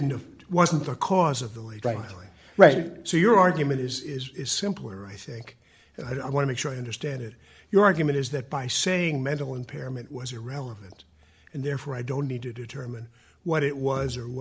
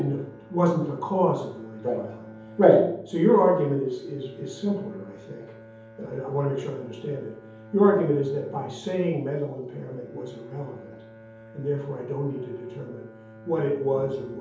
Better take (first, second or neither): first